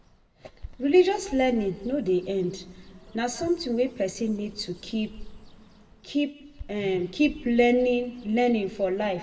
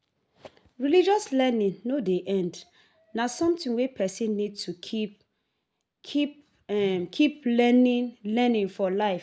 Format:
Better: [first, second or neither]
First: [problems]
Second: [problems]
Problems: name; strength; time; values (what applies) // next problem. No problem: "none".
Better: second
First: background sound (Bird); 20 dB below the speech // room echo; dies away in 1.1 s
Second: none